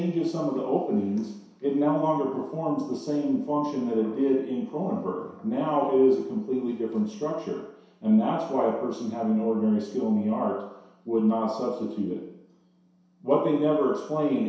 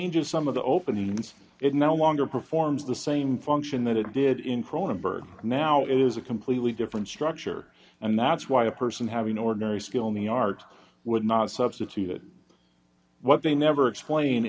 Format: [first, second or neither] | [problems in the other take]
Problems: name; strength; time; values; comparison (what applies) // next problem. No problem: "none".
second | room echo; dies away in 0.7 s